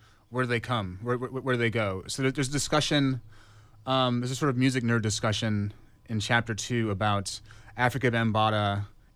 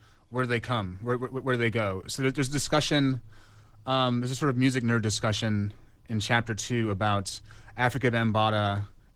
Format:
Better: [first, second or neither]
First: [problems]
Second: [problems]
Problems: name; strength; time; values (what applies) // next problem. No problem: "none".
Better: first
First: none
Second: garbled, watery; slightly